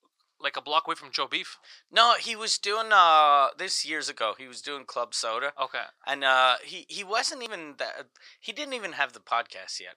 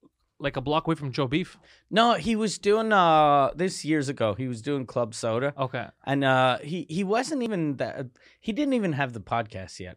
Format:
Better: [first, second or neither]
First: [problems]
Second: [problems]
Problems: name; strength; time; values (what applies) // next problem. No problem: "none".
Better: second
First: thin; very; fading below 850 Hz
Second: none